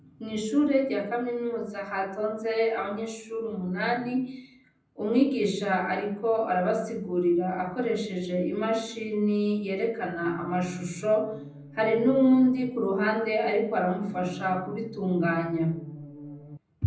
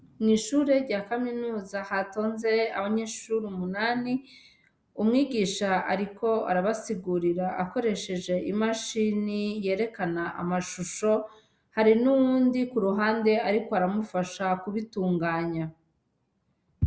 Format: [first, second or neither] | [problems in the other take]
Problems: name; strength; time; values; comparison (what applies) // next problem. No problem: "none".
second | background sound (Musical instrument); 16 dB below the speech // room echo; dies away in 0.6 s